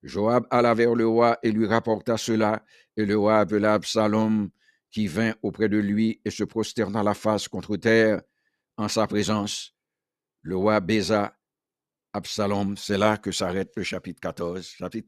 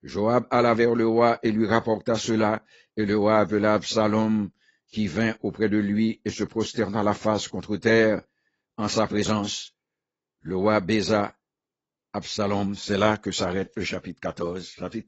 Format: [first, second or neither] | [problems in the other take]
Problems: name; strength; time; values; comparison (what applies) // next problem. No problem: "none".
first | garbled, watery; badly; nothing above 7.5 kHz